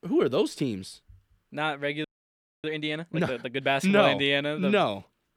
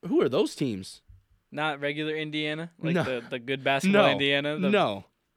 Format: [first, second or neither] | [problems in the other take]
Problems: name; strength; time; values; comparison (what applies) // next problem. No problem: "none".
second | audio freezing; at 2 s for 0.5 s